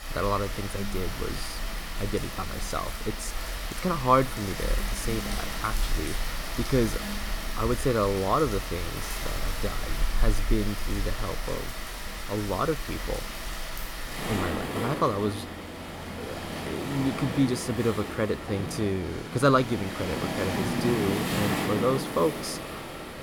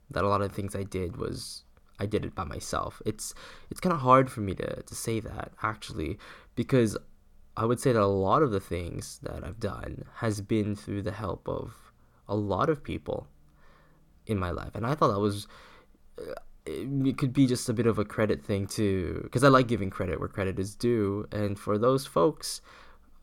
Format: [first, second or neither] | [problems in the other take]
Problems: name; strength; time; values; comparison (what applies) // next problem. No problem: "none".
second | rain or running water; loud; throughout; 4 dB below the speech